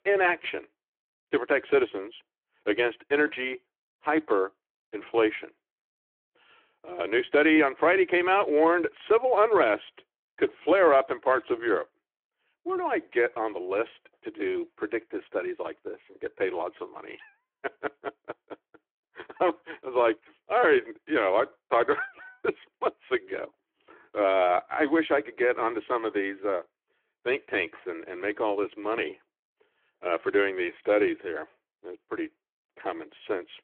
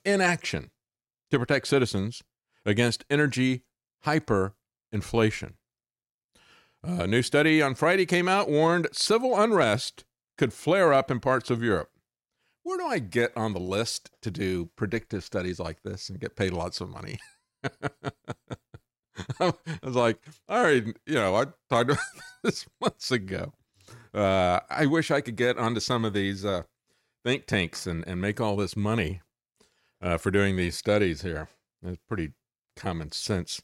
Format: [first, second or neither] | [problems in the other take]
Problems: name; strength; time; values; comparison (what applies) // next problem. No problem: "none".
second | phone-call audio